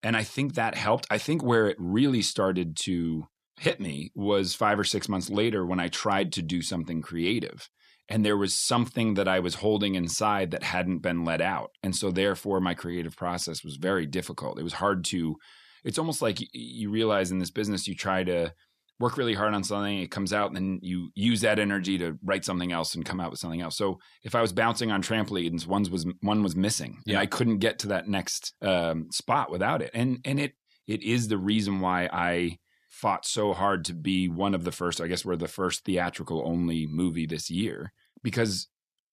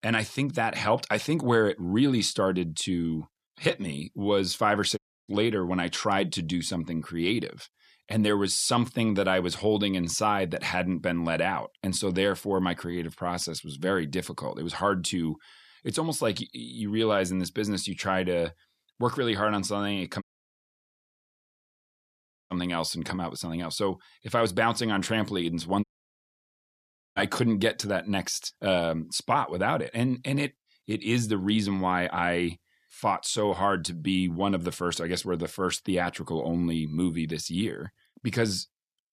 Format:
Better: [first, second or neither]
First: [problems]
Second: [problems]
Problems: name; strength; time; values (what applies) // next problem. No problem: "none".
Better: first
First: none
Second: audio cutting out; at 5 s, at 20 s for 2.5 s and at 26 s for 1.5 s